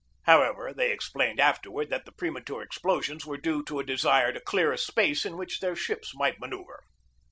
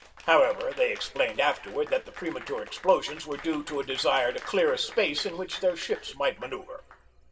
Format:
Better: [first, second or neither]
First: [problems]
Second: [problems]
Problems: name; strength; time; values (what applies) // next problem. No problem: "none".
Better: first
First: none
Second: background sound (Applause / Crowd); 18 dB below the speech // room echo; dies away in 1.6 s